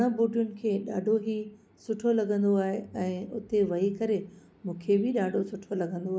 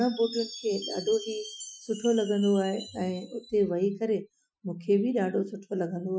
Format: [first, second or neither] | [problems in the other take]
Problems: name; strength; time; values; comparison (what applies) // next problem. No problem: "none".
first | noise reduction (classical method Wiener filter)